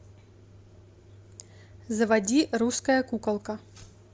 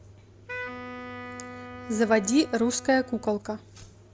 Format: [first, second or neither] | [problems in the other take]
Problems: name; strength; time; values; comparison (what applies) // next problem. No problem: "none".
first | background sound (Wind instrument, woodwind instrument); 13 dB below the speech